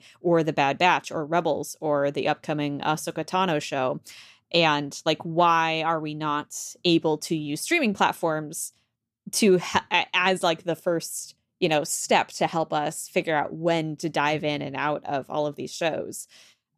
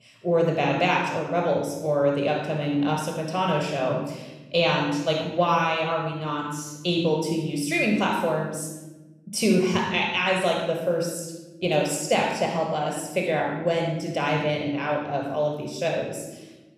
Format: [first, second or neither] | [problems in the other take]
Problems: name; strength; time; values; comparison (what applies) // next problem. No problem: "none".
first | off-mic speech; somewhat distant // room echo; noticeable; dies away in 1 s